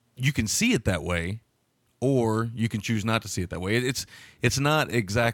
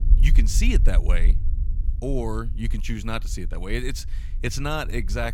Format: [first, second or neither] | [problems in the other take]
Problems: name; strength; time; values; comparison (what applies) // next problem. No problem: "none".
first | low rumble; noticeable; throughout; 15 dB below the speech